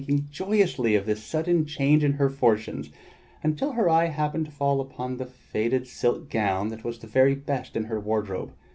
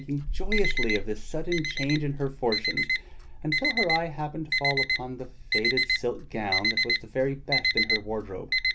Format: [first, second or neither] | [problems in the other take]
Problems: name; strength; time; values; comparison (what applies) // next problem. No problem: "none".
first | background sound (Alarm); 2 dB above the speech